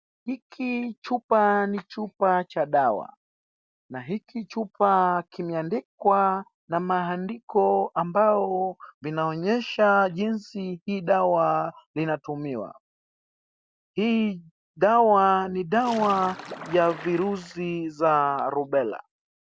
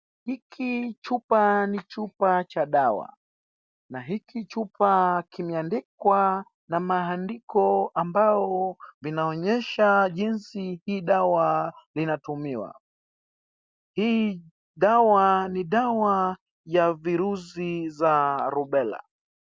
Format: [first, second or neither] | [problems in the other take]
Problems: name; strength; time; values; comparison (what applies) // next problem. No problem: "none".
second | background sound (Splash, splatter); 15 dB below the speech